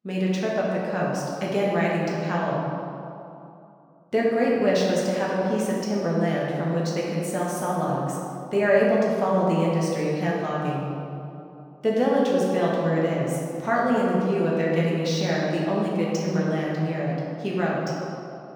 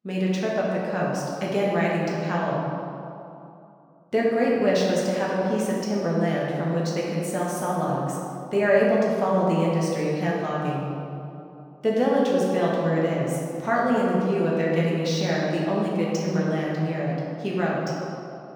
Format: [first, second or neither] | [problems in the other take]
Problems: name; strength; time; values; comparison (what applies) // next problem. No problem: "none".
neither | room echo; strong; dies away in 2.2 s; the same in both // off-mic speech; far; the same in both